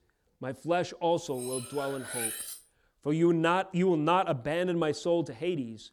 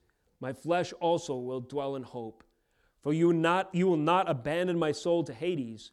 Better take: second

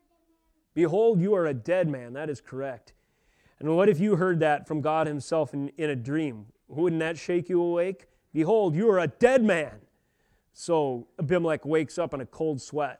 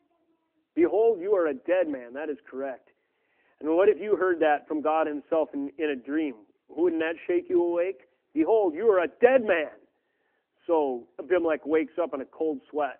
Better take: first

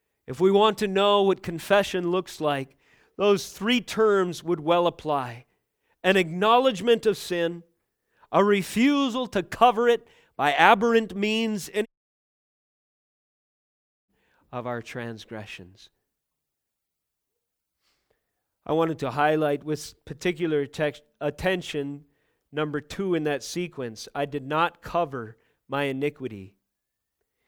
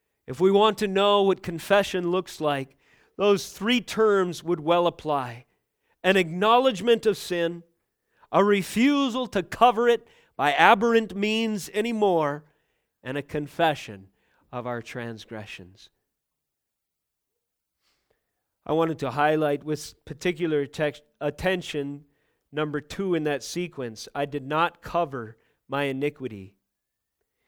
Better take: second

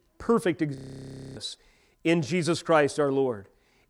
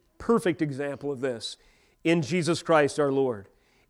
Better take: second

